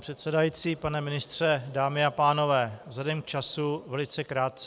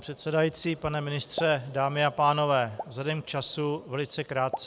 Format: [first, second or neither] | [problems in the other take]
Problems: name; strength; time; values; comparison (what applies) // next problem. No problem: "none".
first | background sound (Explosion); 17 dB below the speech